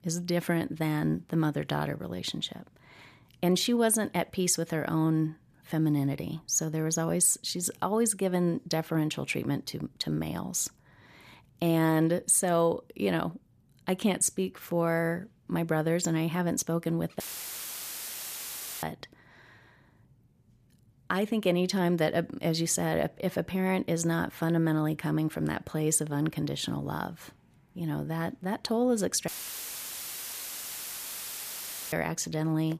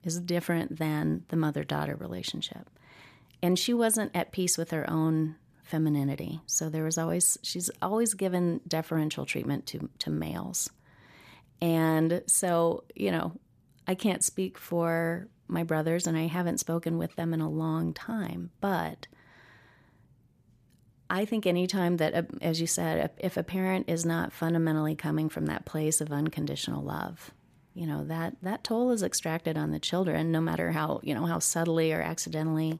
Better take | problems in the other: second | audio cutting out; filled with static; at 17 s for 1.5 s and at 29 s for 2.5 s

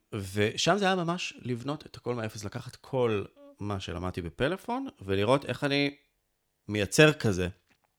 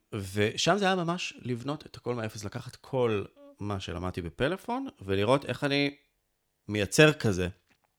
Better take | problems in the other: neither | none

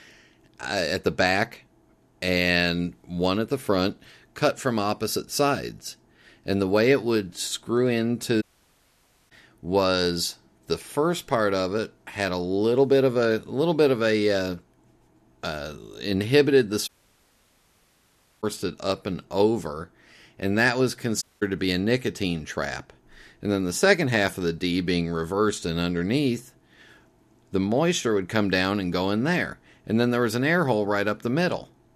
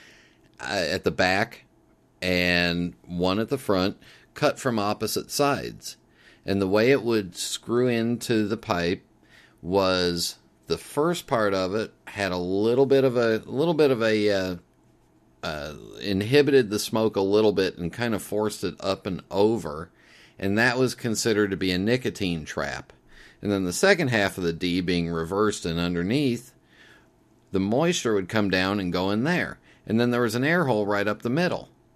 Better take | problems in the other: second | audio cutting out; at 8.5 s for 1 s, at 17 s for 1.5 s and at 21 s

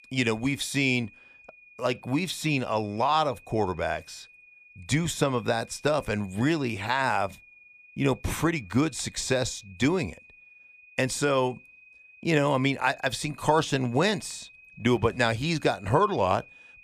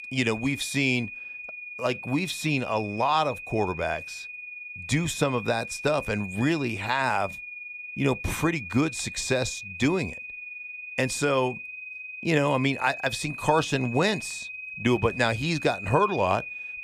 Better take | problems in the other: first | high-pitched whine; loud; throughout; 2.5 kHz, 9 dB below the speech; faint in the first

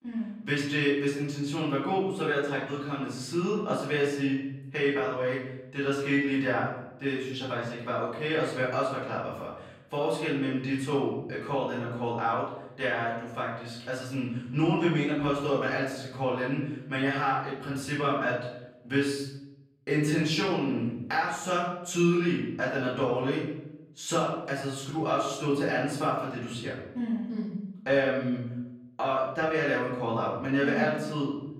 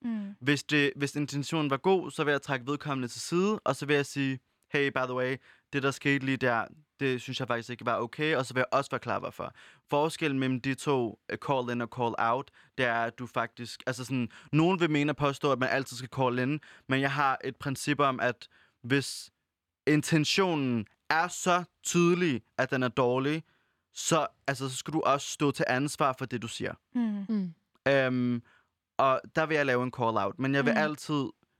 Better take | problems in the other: second | off-mic speech; far // room echo; noticeable; dies away in 0.8 s

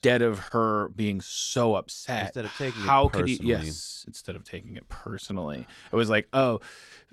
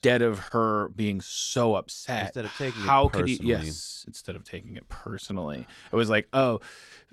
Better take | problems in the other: neither | none

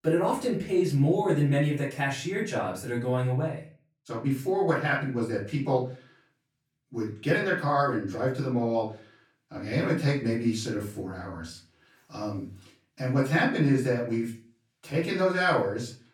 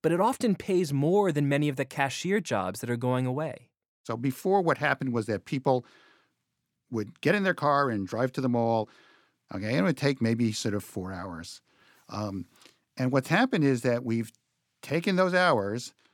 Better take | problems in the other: second | off-mic speech; far // room echo; slight; dies away in 0.4 s

